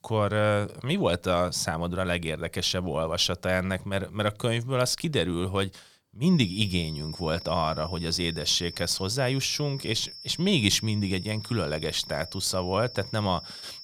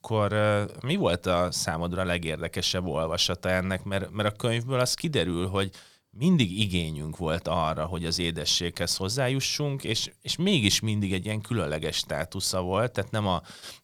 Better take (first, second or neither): second